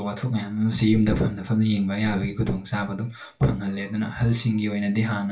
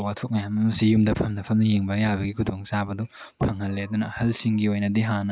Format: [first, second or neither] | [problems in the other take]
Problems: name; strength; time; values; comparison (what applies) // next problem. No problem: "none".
second | room echo; dies away in 0.2 s